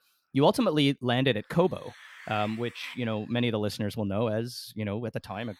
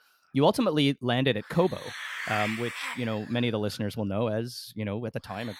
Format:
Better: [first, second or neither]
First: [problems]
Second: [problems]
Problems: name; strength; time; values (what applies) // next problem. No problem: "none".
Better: first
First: hiss; faint; throughout; 20 dB below the speech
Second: hiss; loud; throughout; 8 dB below the speech